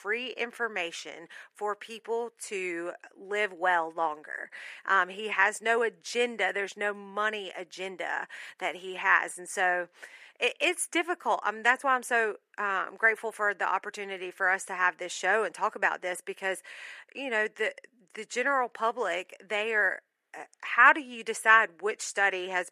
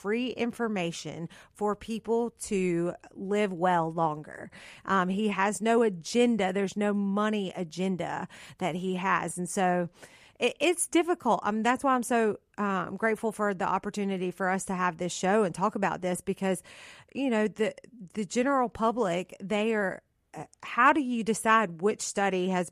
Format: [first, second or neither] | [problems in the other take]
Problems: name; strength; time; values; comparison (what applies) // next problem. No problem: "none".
second | thin; very; fading below 400 Hz